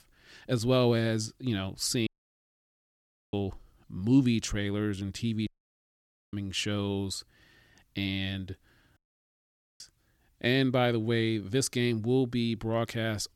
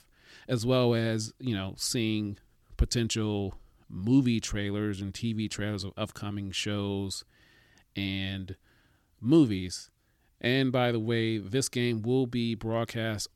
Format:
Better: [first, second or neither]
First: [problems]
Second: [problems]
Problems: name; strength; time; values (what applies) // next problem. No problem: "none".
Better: second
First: audio cutting out; at 2 s for 1.5 s, at 5.5 s for 1 s and at 9 s for 1 s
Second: none